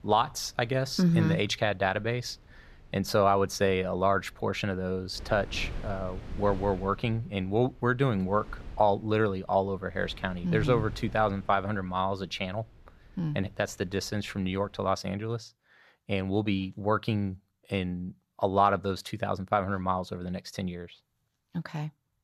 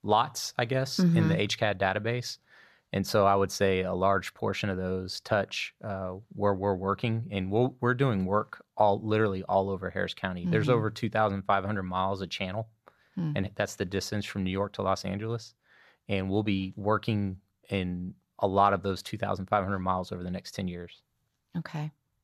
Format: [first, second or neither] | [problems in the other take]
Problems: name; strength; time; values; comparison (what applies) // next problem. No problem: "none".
second | wind noise on the microphone; occasional gusts; until 15 s; 25 dB below the speech